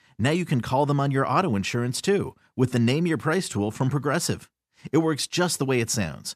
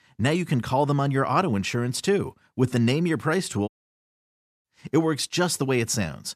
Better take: first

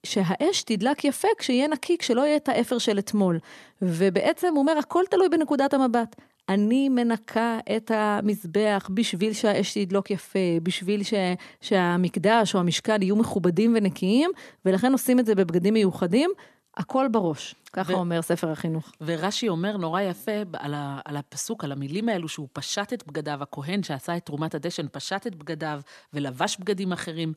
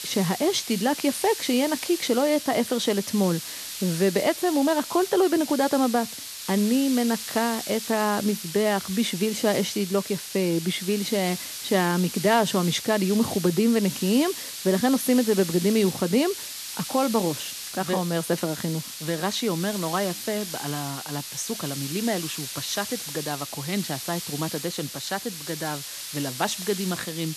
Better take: first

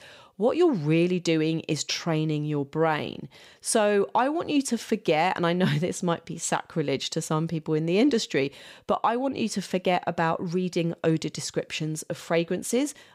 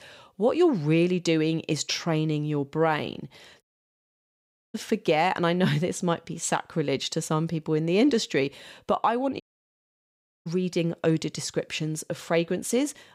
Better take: first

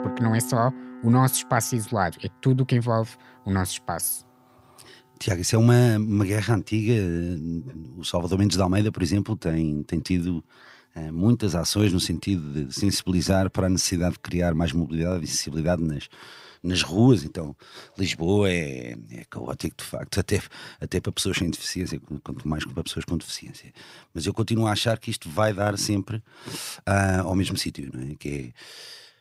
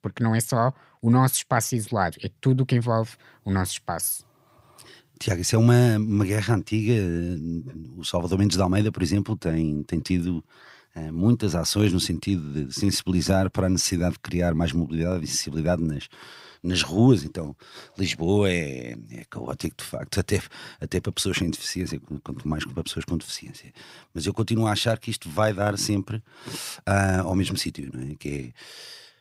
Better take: second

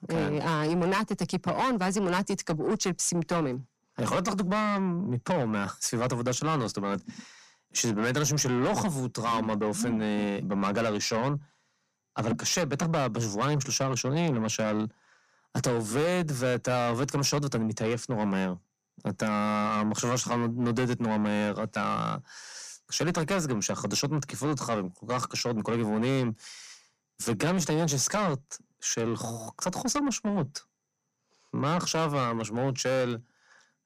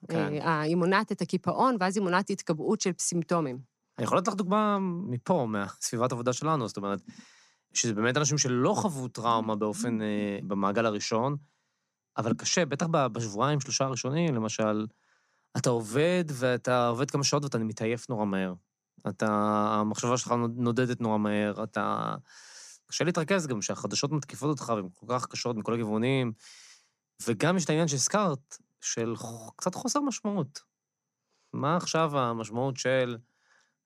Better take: second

